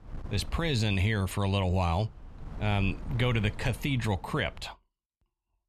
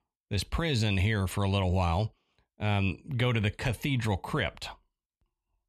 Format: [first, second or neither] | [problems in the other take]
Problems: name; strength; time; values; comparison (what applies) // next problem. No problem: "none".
second | wind noise on the microphone; occasional gusts; until 4.5 s; 20 dB below the speech